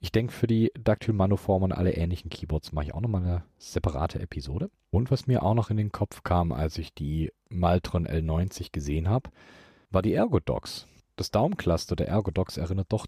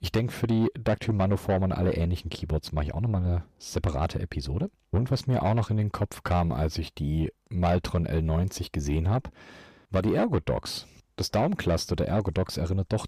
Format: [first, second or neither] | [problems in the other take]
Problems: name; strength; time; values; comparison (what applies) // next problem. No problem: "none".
first | distortion; slight; 10 dB below the speech